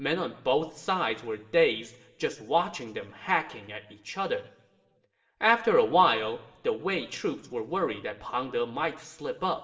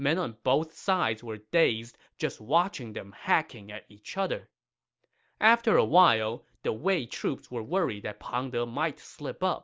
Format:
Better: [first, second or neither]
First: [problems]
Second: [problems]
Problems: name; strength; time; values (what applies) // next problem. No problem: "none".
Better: second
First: room echo; dies away in 0.8 s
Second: none